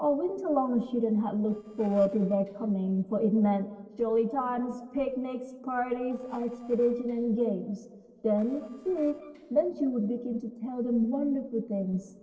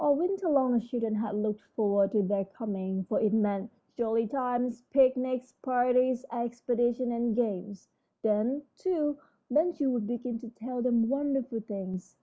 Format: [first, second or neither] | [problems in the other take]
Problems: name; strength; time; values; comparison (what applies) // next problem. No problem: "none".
second | noise reduction (neural separator model SepFormer DNS4)